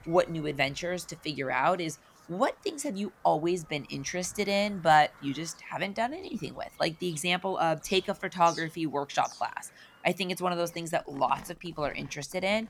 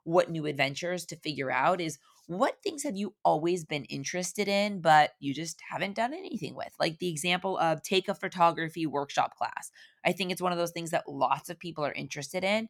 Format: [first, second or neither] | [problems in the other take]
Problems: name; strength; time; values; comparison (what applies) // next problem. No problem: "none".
second | animal sounds; faint; throughout; 20 dB below the speech